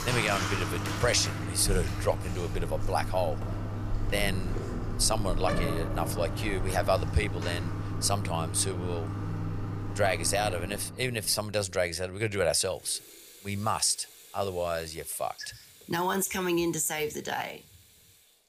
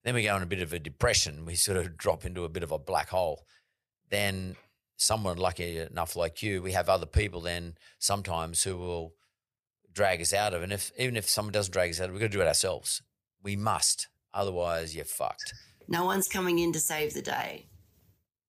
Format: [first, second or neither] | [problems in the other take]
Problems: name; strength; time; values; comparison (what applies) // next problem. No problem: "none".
second | household noises; loud; throughout; 4 dB below the speech